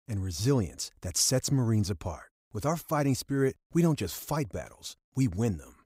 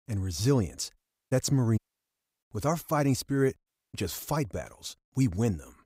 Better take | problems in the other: first | audio cutting out; at 1 s, at 2 s for 0.5 s and at 3.5 s

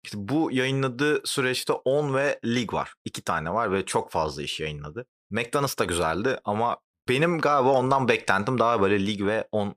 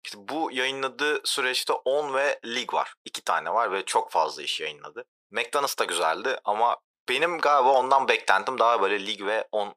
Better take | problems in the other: first | thin; very; fading below 600 Hz

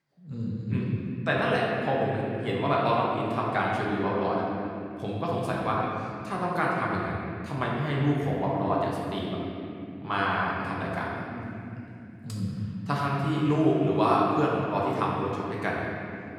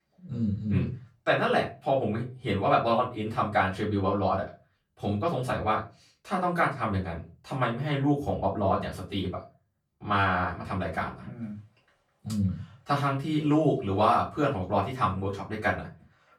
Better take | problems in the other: second | room echo; strong; dies away in 3 s; slight in the second // off-mic speech; far; far in the second

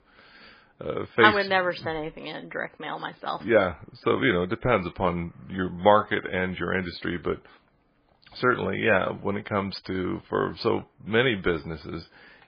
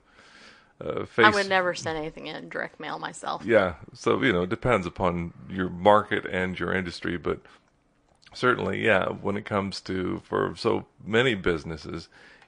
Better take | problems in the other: second | garbled, watery; badly; nothing above 5 kHz; slightly in the second

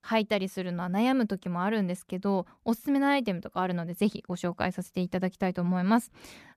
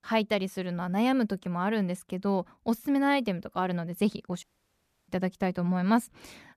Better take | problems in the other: first | audio cutting out; at 4.5 s for 0.5 s

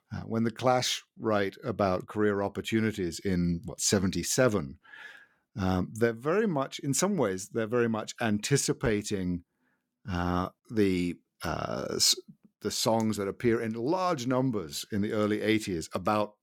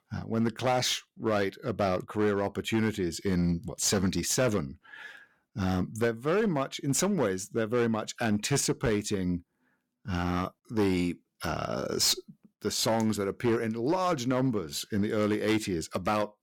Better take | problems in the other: first | distortion; slight; 6% of the sound clipped

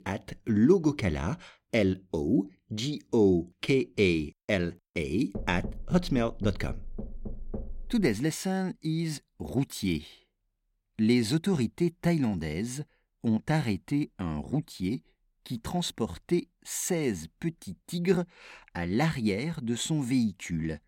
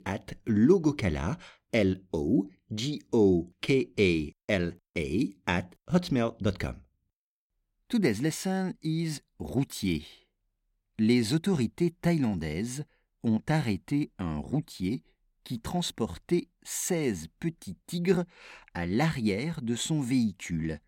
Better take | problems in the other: second | door banging; noticeable; from 5.5 to 8 s; peak 10 dB below the speech

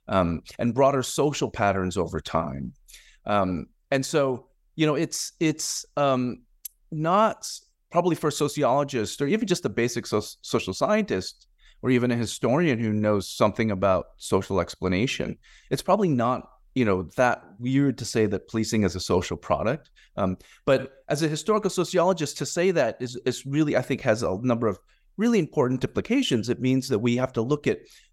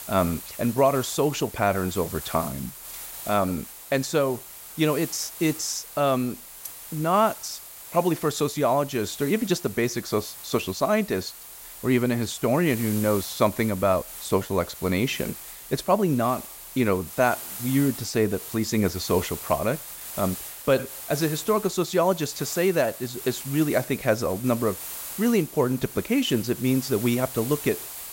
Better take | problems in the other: first | hiss; noticeable; throughout; 10 dB below the speech

